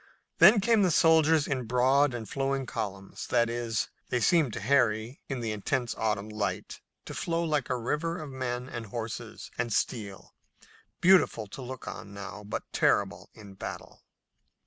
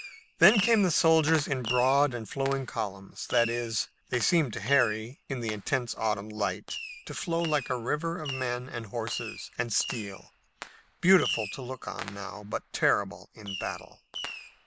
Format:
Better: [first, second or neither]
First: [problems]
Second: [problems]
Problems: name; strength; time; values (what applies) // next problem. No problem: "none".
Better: first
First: none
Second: background sound (Fireworks); 11 dB below the speech